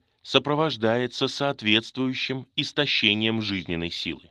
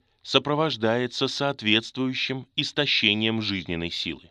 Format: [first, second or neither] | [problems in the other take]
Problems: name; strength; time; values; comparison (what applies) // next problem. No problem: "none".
second | garbled, watery; slightly; nothing above 13 kHz